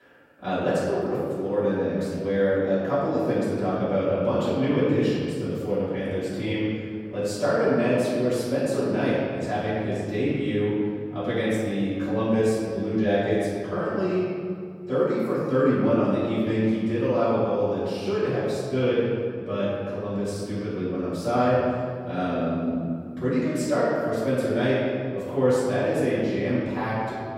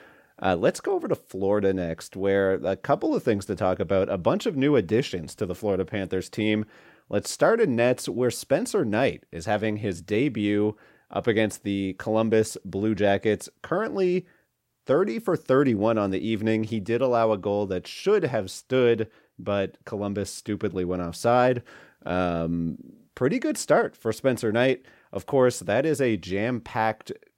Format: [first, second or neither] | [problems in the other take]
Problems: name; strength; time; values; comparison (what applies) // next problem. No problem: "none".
second | off-mic speech; far // room echo; strong; dies away in 2.3 s